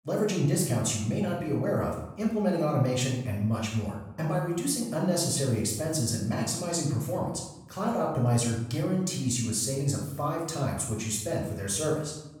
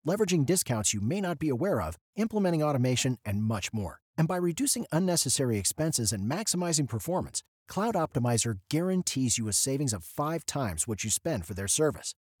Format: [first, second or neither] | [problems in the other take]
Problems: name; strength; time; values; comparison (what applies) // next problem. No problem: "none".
second | off-mic speech; far // room echo; noticeable; dies away in 0.8 s